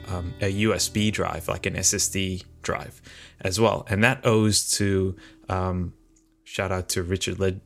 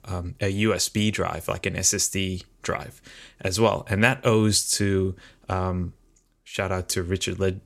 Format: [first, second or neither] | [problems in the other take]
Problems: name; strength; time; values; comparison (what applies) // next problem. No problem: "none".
second | background music; faint; throughout; 25 dB below the speech